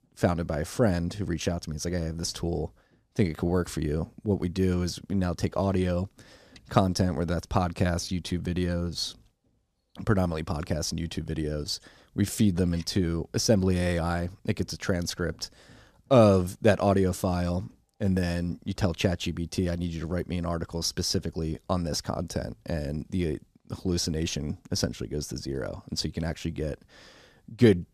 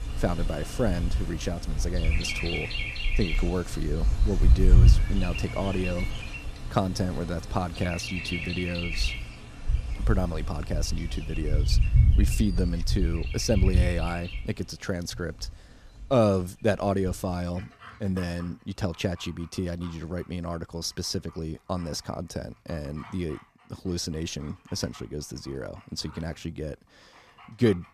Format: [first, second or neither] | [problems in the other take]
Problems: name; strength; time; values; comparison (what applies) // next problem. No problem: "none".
first | animal sounds; very loud; throughout; 2 dB above the speech